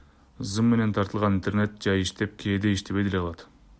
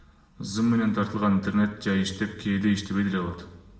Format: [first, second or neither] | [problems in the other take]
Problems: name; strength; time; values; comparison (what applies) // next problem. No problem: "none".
first | room echo; dies away in 0.8 s